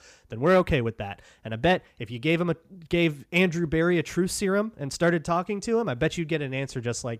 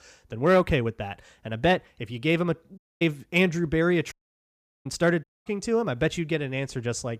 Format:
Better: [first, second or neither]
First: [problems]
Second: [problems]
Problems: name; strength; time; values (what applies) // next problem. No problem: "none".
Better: first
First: none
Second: audio cutting out; at 3 s, at 4 s for 0.5 s and at 5 s